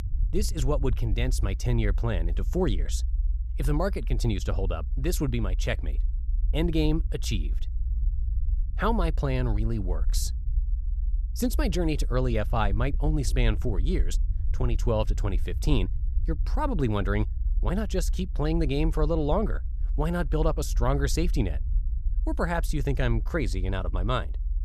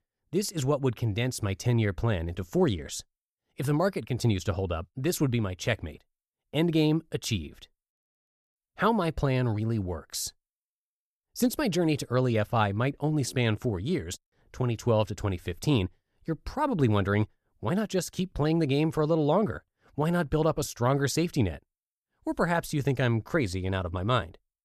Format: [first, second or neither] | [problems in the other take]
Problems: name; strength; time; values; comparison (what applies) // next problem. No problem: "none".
second | low rumble; faint; throughout; 20 dB below the speech